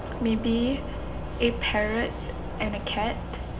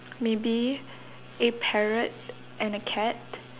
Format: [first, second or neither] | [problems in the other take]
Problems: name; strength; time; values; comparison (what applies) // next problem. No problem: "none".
second | background sound (Insect / Frog); 5 dB below the speech // room echo; dies away in 1 s